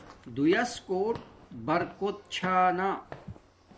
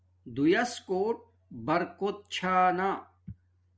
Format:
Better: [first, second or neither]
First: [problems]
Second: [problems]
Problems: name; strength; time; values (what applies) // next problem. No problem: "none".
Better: second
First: background sound (Walk, footsteps / Siren); 17 dB below the speech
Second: none